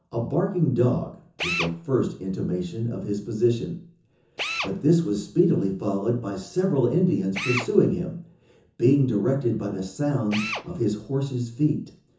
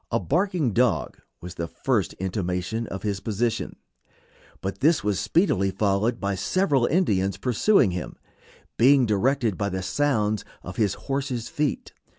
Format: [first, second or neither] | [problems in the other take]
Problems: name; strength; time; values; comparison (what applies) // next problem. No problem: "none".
second | background sound (Drill); 13 dB below the speech // room echo; dies away in 0.6 s